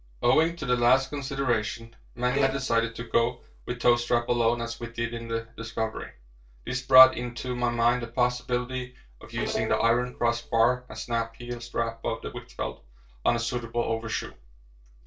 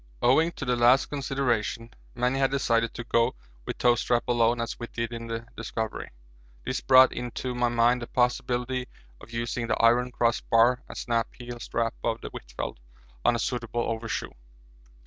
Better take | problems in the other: second | noise reduction (neural separator model SepFormer DNS4)

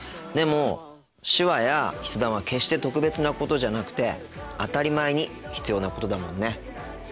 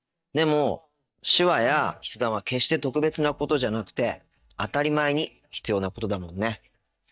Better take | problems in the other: first | noise reduction (neural mask model DeepFilterNet 3)

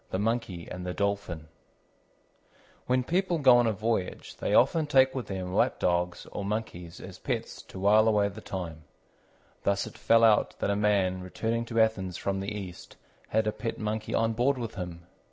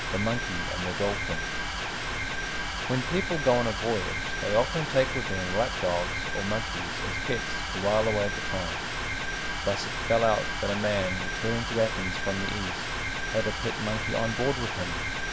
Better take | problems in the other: first | background sound (Mechanisms); 1 dB below the speech

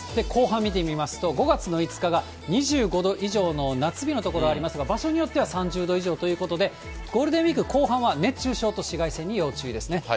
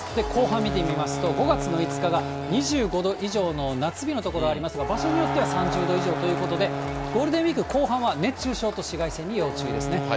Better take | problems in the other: first | background sound (Wind instrument, woodwind instrument + Crowd); 5 dB below the speech

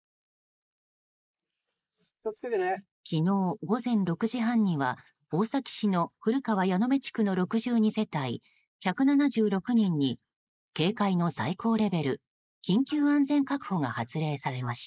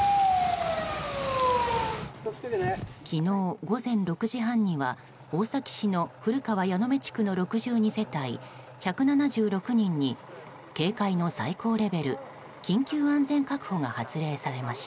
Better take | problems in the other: second | noise reduction (neural mask model Resemble Enhance denoiser)

